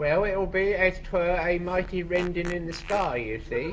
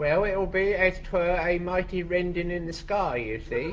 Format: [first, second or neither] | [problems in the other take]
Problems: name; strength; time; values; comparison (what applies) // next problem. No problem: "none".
second | background sound (Fart); 16 dB below the speech